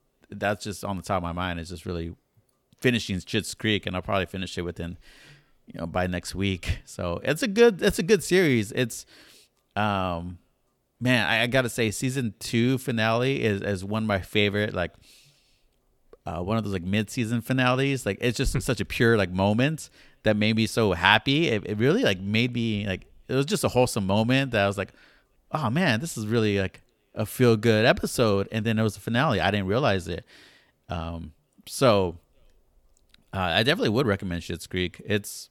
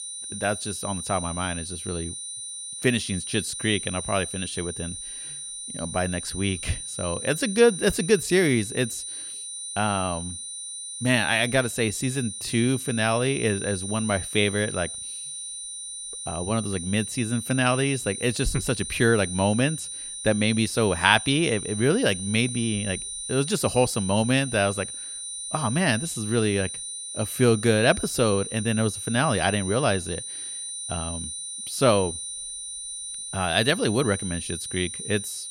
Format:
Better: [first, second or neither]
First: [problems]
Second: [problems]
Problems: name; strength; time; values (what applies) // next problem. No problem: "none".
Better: first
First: none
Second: high-pitched whine; loud; throughout; 9.5 kHz, 7 dB below the speech